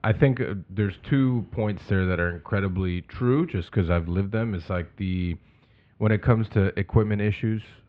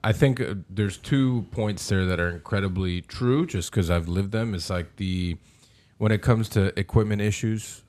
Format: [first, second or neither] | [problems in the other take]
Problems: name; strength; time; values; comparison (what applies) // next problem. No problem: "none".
second | muffled; very; fading above 3 kHz